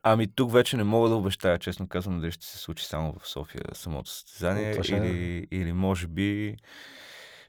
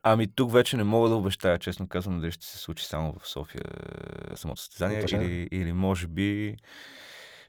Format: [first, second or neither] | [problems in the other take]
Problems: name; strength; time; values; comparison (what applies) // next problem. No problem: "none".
first | audio freezing; at 3.5 s for 0.5 s